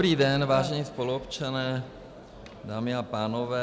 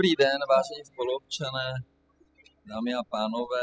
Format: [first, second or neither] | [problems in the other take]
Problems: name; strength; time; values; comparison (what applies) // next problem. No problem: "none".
first | noise reduction (classical method spectral subtraction)